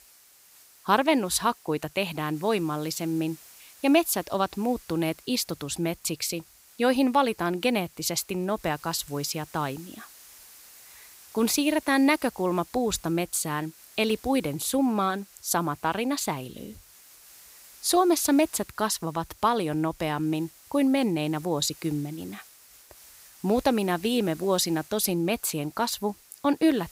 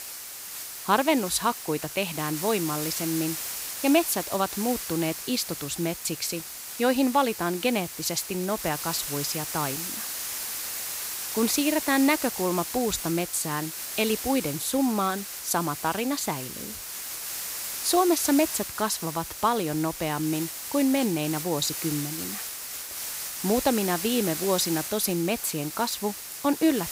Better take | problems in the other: first | hiss; loud; throughout; 6 dB below the speech; faint in the first

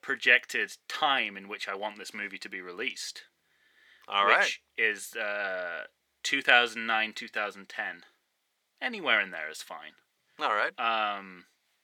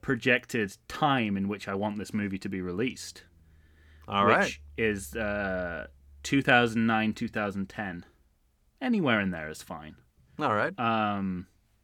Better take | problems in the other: second | thin; very; fading below 550 Hz

